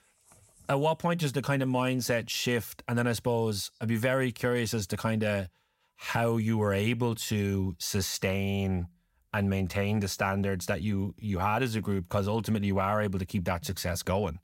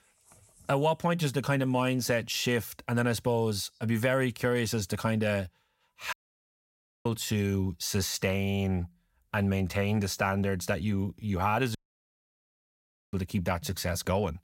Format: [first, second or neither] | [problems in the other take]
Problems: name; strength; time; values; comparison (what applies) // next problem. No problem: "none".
first | audio cutting out; at 6 s for 1 s and at 12 s for 1.5 s